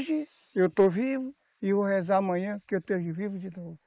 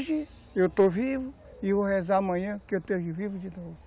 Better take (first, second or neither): second